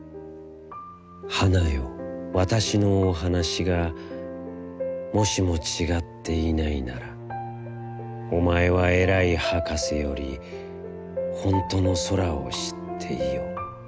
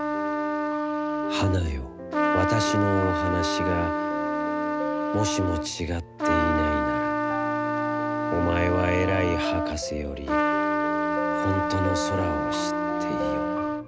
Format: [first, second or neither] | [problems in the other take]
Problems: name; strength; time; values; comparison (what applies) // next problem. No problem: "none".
first | background sound (Trumpet); 3 dB above the speech